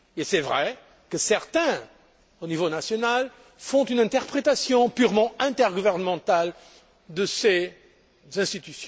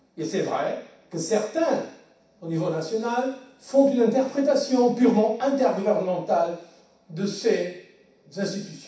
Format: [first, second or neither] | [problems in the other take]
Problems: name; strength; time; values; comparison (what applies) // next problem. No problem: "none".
first | room echo; dies away in 0.7 s